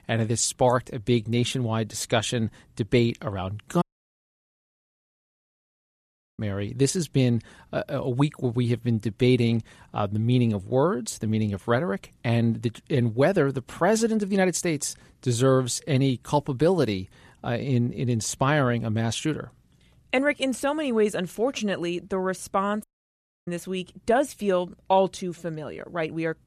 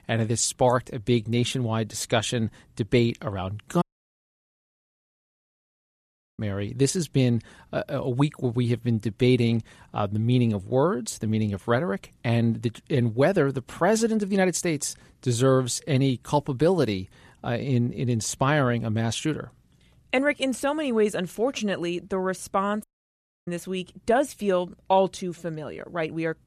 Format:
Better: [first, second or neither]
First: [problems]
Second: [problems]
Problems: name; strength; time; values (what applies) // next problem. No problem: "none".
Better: neither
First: audio cutting out; at 4 s for 2.5 s and at 23 s for 0.5 s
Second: audio cutting out; at 4 s for 2.5 s and at 23 s for 0.5 s